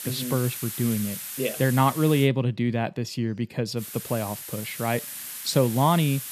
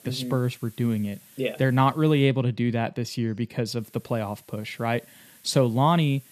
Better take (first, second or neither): second